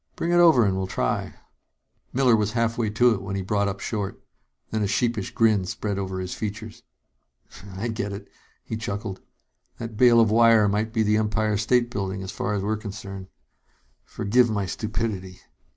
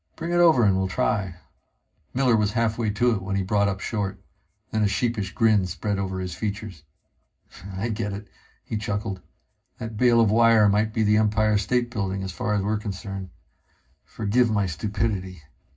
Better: first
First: none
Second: room echo; dies away in 0.4 s

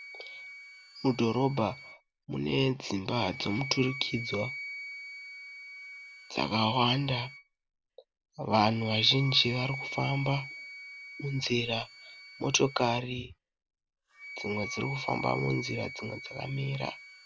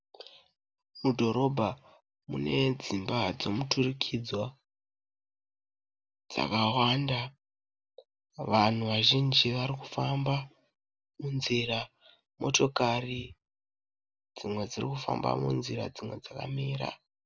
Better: second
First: background sound (Wind instrument, woodwind instrument); 12 dB below the speech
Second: none

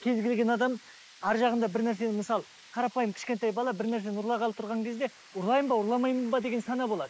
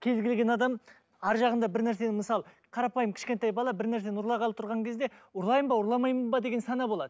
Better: second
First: noise reduction (neural mask model Resemble Enhance denoiser)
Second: none

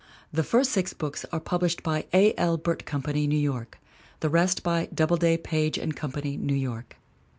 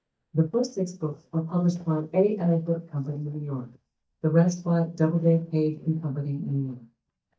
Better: first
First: none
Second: noise reduction (neural mask model DeepFilterNet 3)

